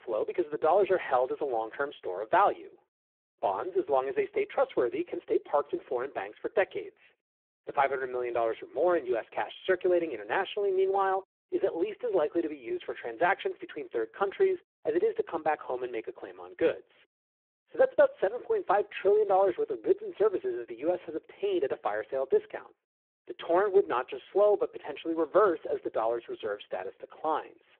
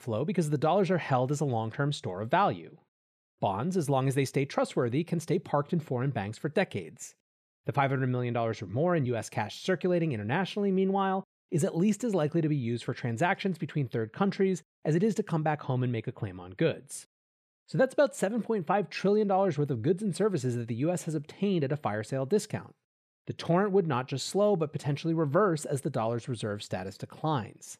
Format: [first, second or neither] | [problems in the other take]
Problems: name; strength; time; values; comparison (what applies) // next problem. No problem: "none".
second | phone-call audio; poor line